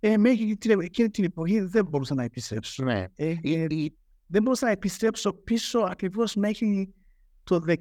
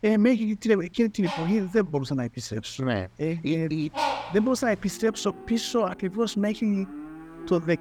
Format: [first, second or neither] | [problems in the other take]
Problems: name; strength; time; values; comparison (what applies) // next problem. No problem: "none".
first | animal sounds; noticeable; throughout; 10 dB below the speech